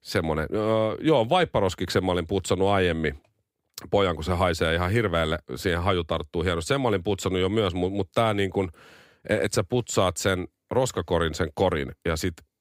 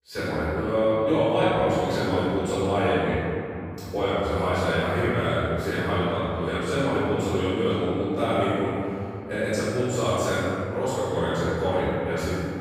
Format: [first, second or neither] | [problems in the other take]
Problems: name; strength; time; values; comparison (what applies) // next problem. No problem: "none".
first | room echo; strong; dies away in 2.9 s // off-mic speech; far